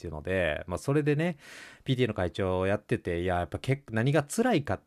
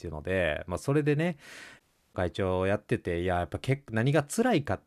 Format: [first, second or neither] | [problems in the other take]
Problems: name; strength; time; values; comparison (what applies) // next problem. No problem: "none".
first | audio cutting out; at 2 s